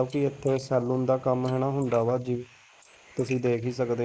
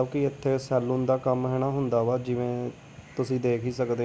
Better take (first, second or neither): second